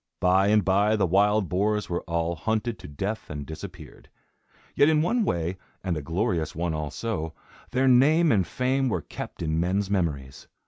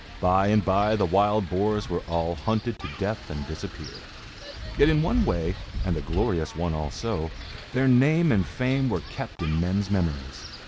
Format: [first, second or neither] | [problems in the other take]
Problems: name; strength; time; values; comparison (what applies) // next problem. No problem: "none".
first | background sound (Wind); 10 dB below the speech